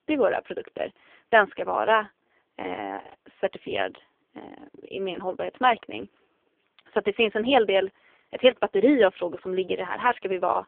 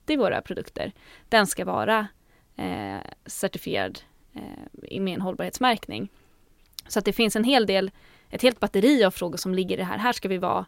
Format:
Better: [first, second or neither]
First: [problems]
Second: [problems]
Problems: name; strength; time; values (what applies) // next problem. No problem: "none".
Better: second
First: phone-call audio; poor line; nothing above 3 kHz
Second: none